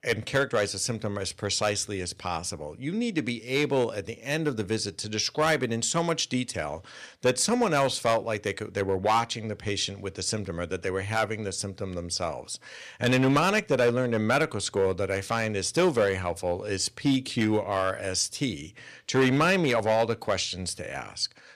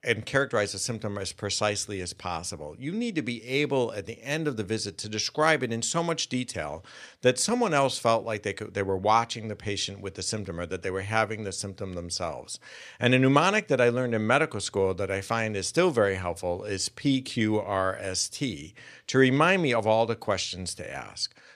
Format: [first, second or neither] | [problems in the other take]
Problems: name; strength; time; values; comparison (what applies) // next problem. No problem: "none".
second | distortion; slight; 3% of the sound clipped